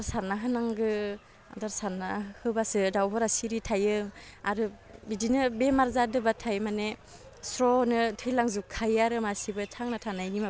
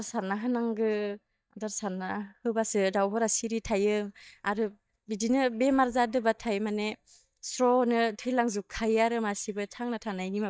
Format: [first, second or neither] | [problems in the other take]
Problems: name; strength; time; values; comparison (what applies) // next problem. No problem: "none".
first | noise reduction (neural mask model DeepFilterNet 3)